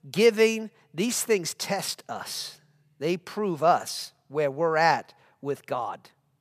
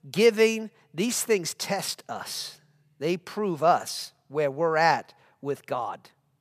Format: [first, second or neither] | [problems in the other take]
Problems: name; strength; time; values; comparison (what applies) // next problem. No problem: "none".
neither | none